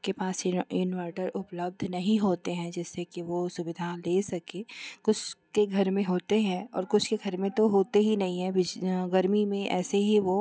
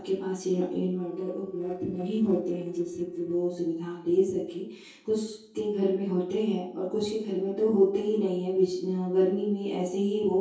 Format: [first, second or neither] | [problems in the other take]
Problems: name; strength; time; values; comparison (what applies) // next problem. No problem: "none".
first | noise reduction (neural separator model SepFormer DNS4)